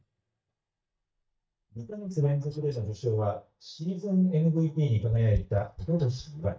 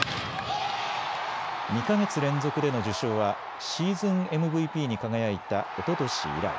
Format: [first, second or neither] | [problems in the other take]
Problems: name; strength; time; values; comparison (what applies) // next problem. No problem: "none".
second | noise reduction (neural mask model DeepFilterNet 3)